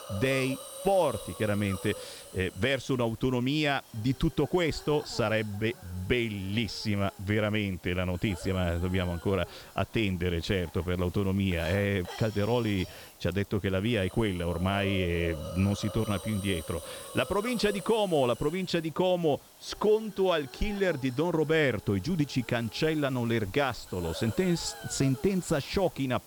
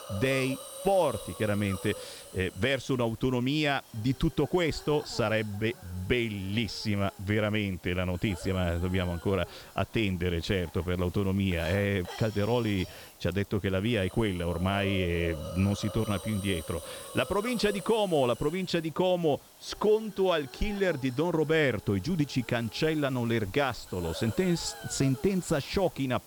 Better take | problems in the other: neither | hiss; noticeable; throughout; 15 dB below the speech; the same in both

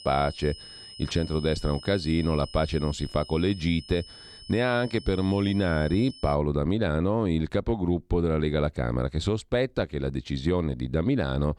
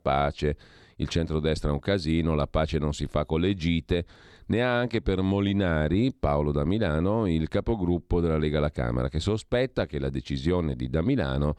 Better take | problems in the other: second | high-pitched whine; noticeable; until 6.5 s; 5 kHz, 15 dB below the speech

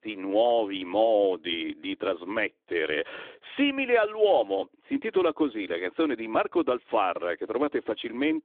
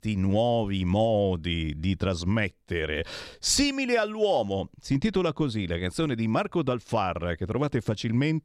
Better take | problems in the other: second | phone-call audio; nothing above 3.5 kHz

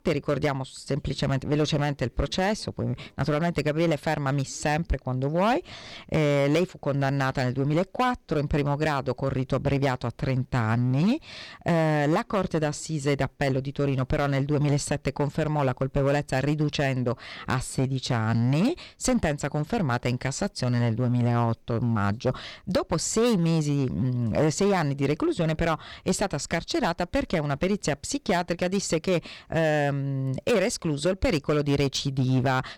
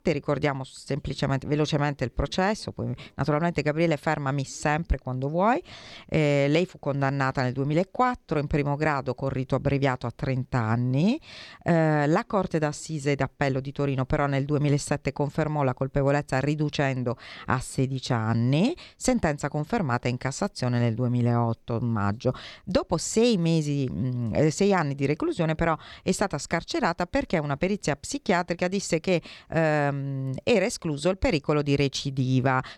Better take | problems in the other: second | distortion; slight; 7% of the sound clipped

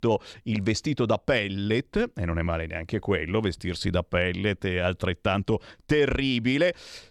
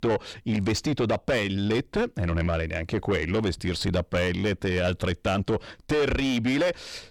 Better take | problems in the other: first | distortion; heavy; 7 dB below the speech

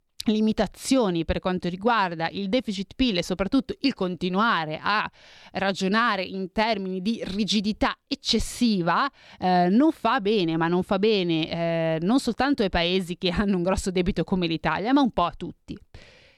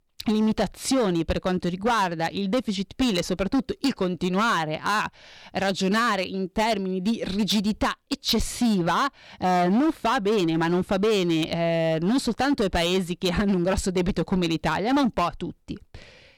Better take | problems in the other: first | distortion; slight; 11% of the sound clipped

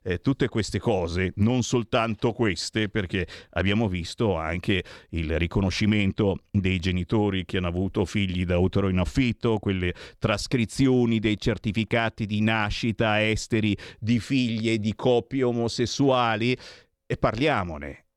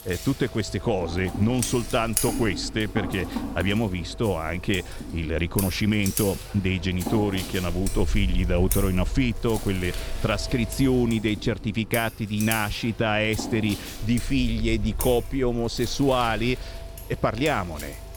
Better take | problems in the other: first | household noises; loud; throughout; 8 dB below the speech

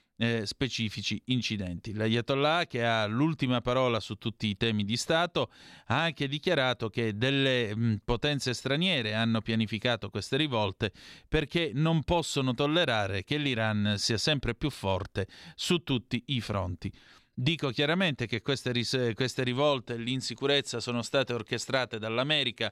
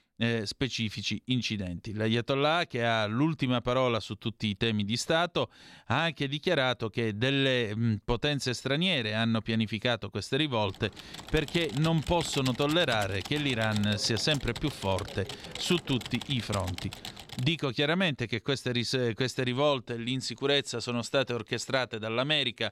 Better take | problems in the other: first | keyboard typing; noticeable; from 11 to 17 s; peak 8 dB below the speech

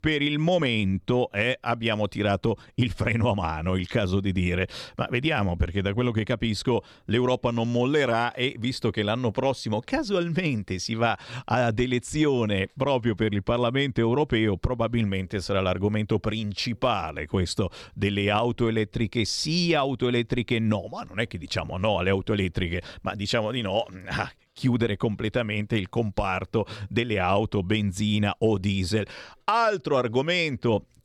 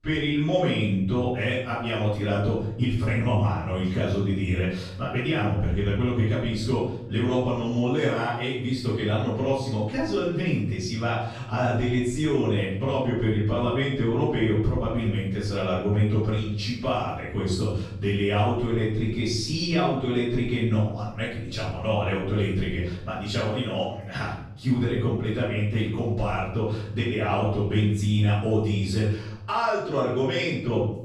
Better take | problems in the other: first | off-mic speech; far // room echo; noticeable; dies away in 0.7 s

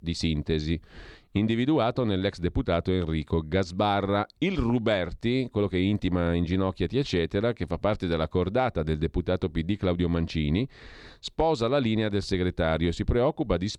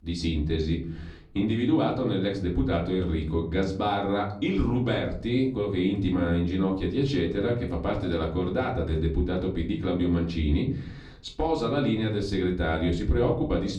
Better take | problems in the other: first | off-mic speech; far // room echo; very slight; dies away in 0.5 s

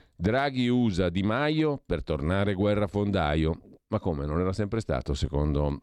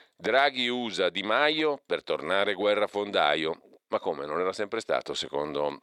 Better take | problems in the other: first | thin; very; fading below 550 Hz

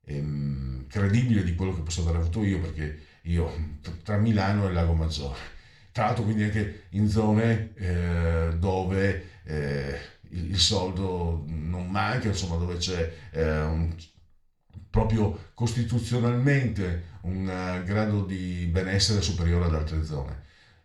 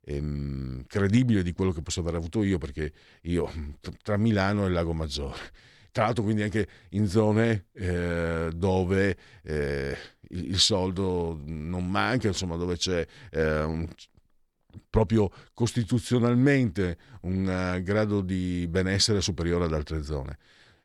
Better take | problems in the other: second | room echo; slight; dies away in 0.4 s

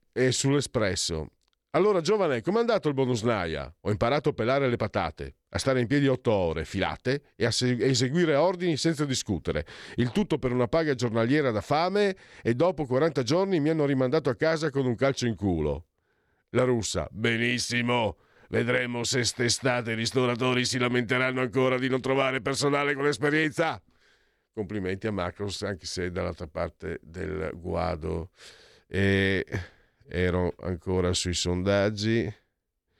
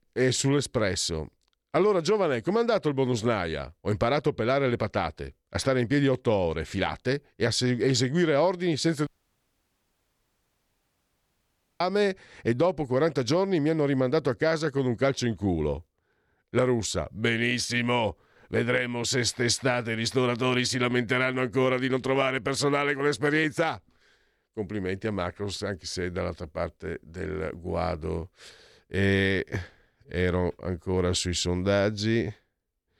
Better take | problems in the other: first | audio cutting out; at 9 s for 2.5 s

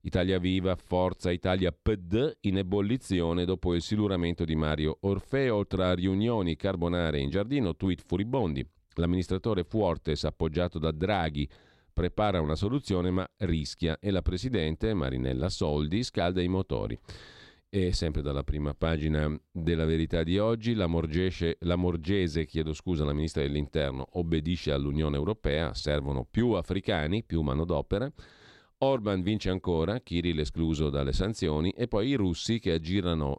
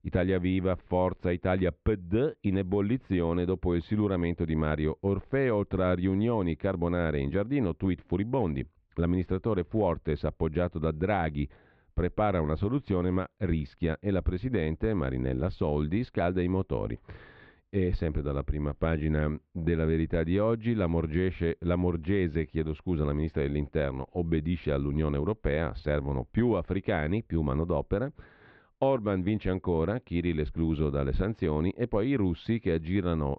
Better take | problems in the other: first | muffled; very; fading above 2.5 kHz

